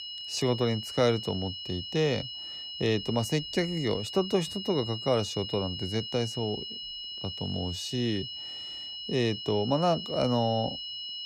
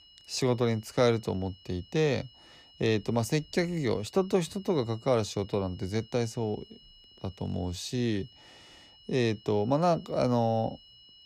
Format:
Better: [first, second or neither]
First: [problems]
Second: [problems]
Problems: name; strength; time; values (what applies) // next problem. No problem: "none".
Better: second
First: high-pitched whine; loud; throughout; 3 kHz, 6 dB below the speech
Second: high-pitched whine; faint; throughout; 3 kHz, 25 dB below the speech